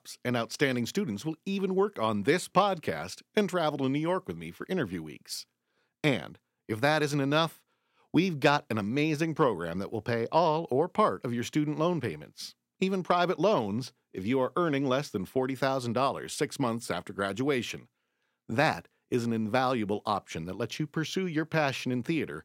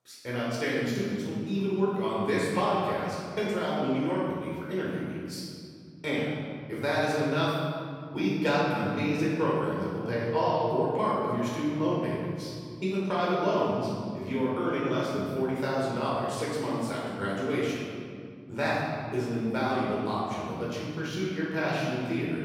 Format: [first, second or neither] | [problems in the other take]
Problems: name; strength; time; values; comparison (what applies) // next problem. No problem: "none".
first | off-mic speech; far // room echo; strong; dies away in 2.1 s